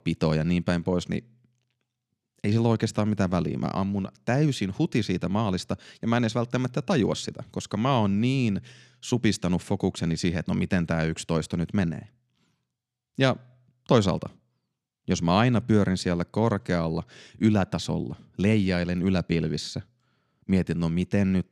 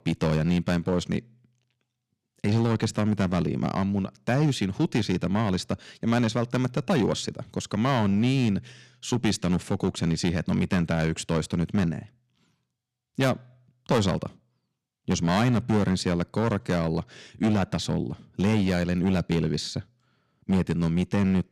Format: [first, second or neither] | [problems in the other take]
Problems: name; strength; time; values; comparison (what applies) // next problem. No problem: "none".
first | distortion; slight; 6% of the sound clipped